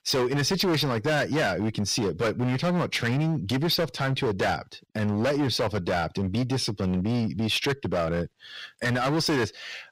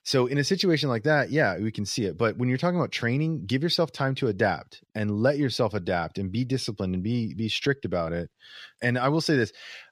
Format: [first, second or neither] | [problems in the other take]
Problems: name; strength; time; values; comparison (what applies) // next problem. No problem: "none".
second | distortion; heavy; 20% of the sound clipped